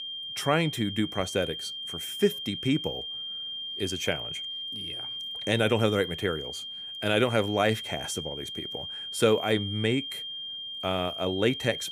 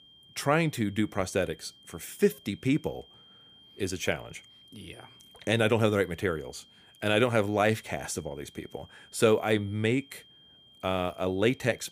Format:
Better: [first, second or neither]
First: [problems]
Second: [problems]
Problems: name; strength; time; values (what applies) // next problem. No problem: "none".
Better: second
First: high-pitched whine; loud; throughout; 3 kHz, 6 dB below the speech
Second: high-pitched whine; faint; throughout; 3 kHz, 25 dB below the speech